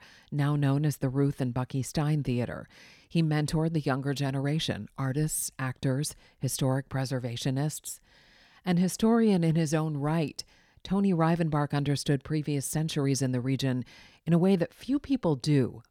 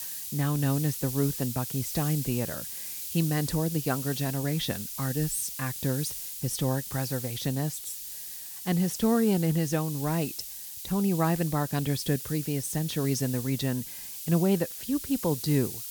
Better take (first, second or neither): first